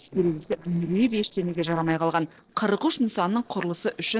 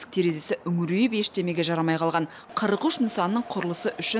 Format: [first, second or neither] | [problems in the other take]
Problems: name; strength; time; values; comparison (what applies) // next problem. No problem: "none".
second | noise reduction (neural separator model SepFormer DNS4)